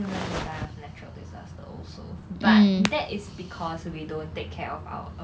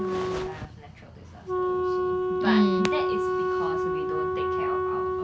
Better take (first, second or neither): first